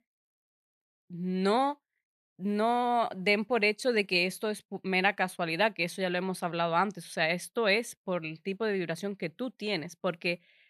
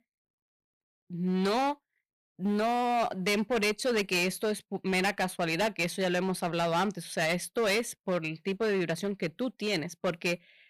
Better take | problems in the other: first | distortion; heavy; 13% of the sound clipped

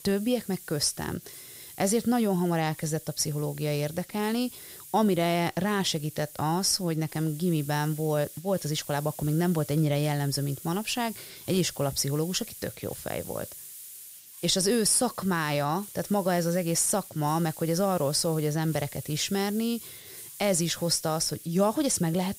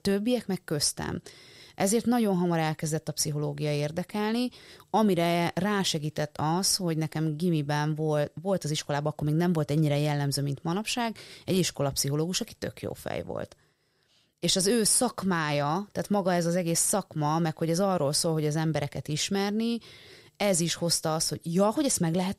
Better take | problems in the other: second | hiss; noticeable; throughout; 15 dB below the speech

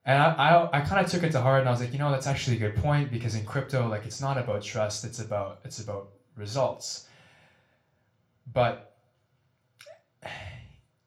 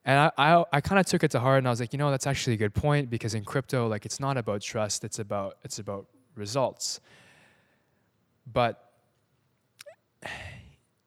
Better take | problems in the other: second | room echo; slight; dies away in 0.3 s // off-mic speech; somewhat distant

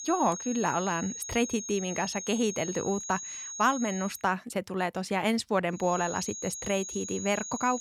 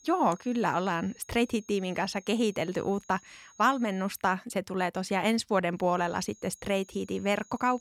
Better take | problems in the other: second | high-pitched whine; loud; until 4 s and from 6 s on; 6.5 kHz, 7 dB below the speech; faint in the second

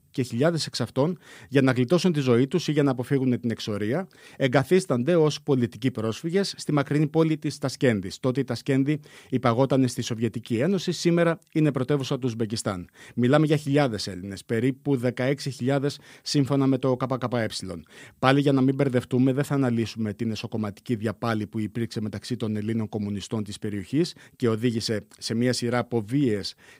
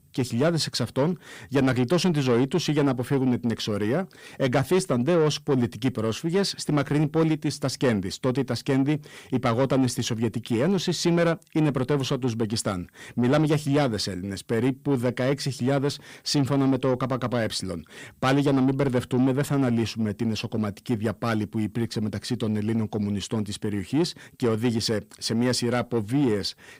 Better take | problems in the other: first | distortion; slight; 10 dB below the speech

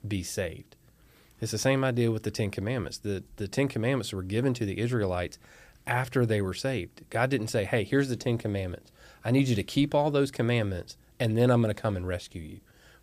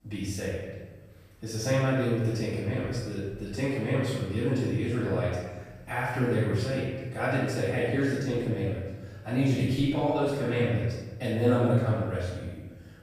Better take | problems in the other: first | off-mic speech; far // room echo; strong; dies away in 1.2 s

